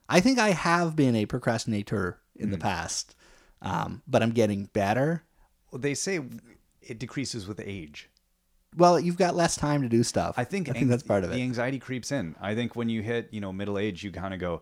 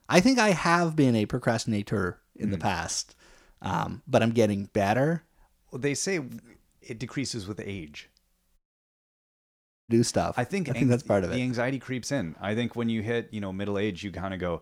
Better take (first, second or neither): first